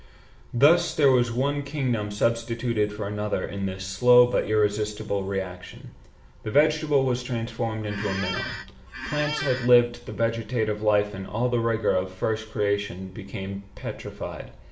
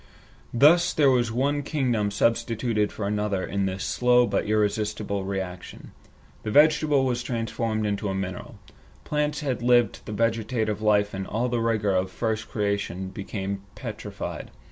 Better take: second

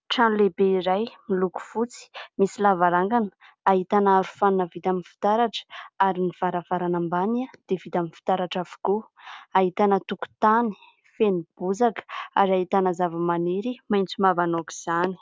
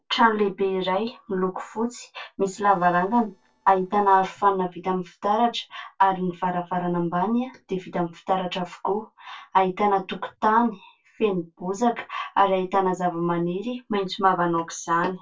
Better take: first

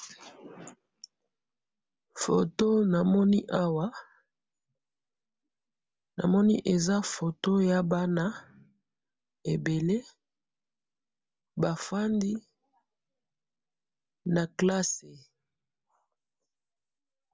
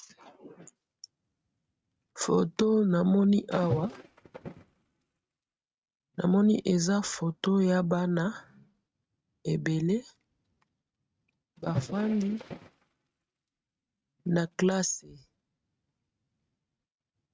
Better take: first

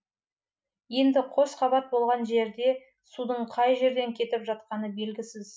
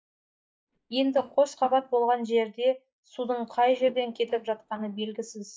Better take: first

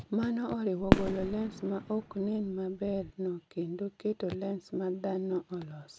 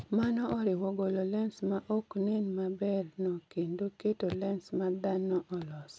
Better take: second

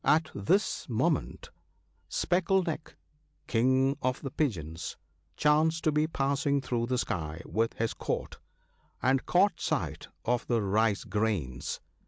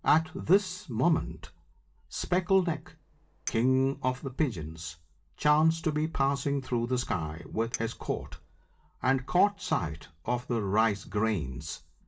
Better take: first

